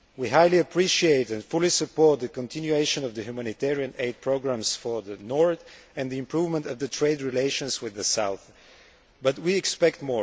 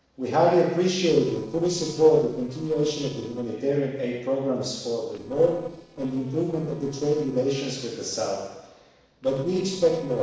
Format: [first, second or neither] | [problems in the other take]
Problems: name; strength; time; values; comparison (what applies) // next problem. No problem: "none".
first | noise reduction (neural separator model SepFormer DNS4)